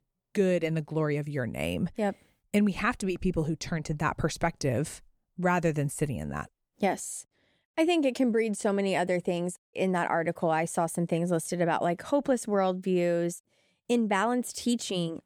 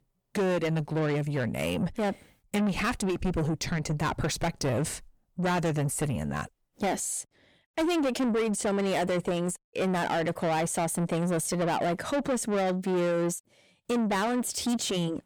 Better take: first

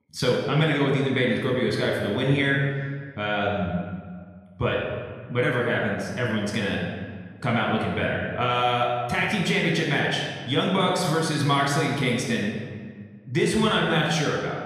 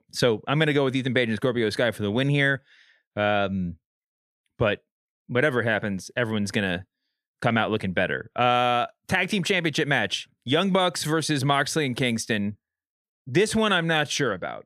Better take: second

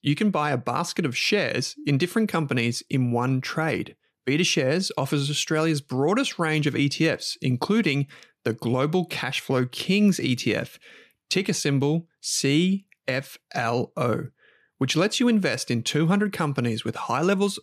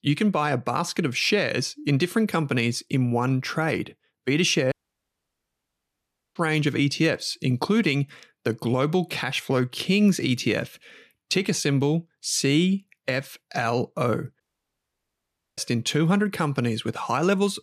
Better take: first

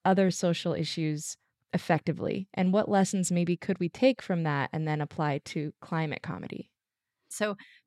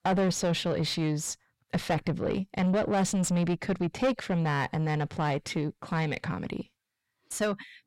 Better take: first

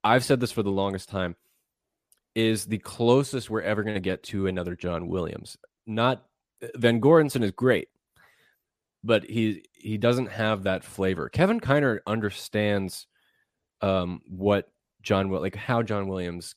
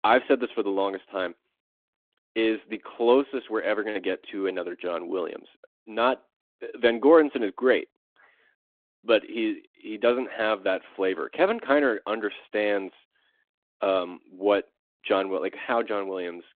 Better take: first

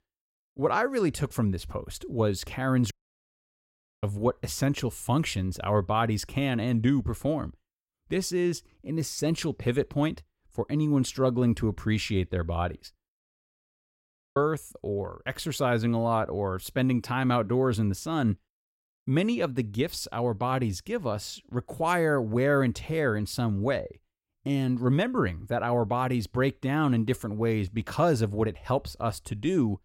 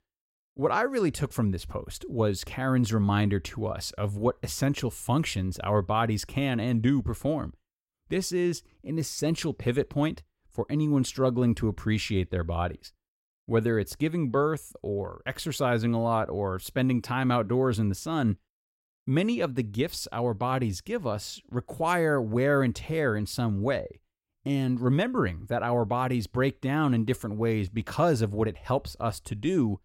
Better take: second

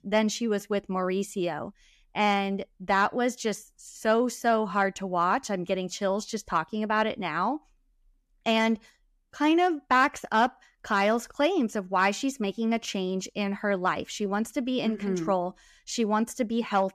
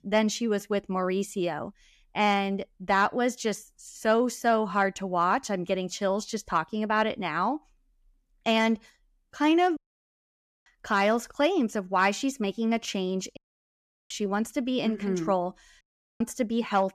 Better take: first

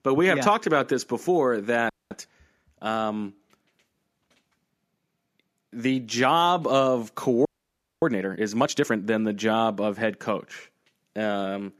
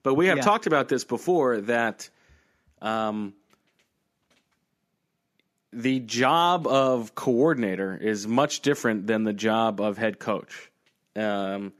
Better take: second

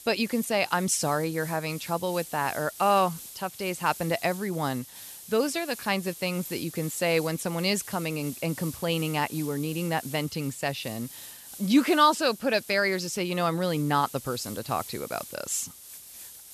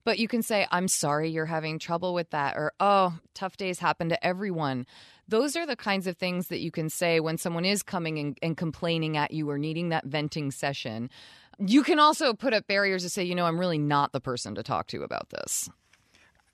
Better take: second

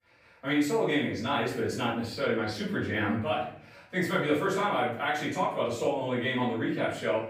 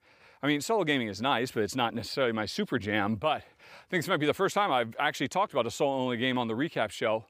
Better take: second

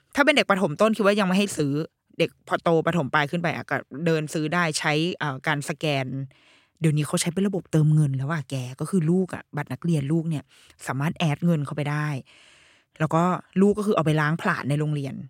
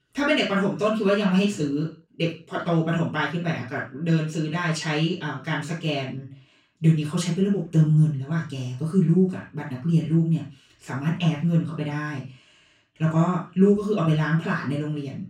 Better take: first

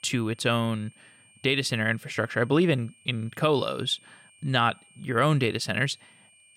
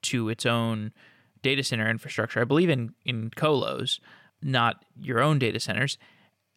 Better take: second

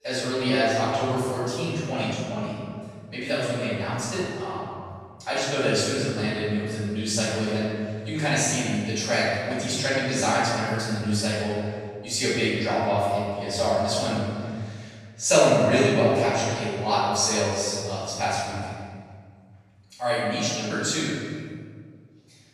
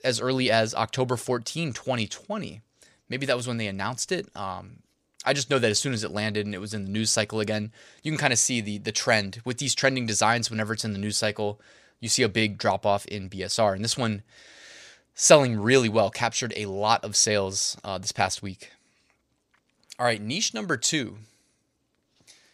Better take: second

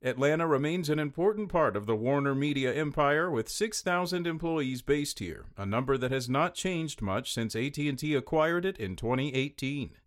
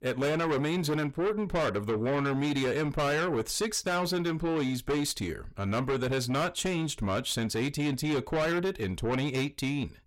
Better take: first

